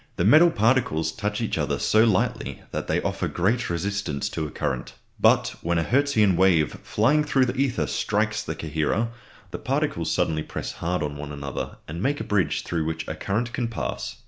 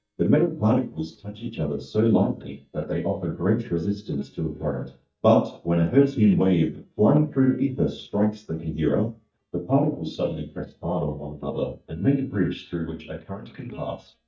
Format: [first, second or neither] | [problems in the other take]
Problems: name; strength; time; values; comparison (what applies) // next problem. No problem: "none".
first | noise reduction (neural mask model DeepFilterNet 3)